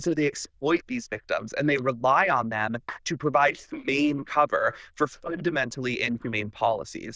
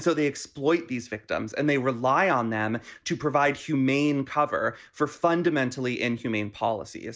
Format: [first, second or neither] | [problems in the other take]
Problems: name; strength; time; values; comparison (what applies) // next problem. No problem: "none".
second | noise reduction (neural diffusion model UNIVERSE++)